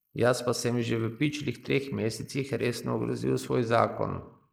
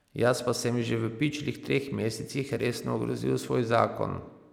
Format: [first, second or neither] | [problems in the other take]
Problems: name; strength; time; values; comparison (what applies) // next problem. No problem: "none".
second | noise reduction (neural mask model Resemble Enhance denoiser)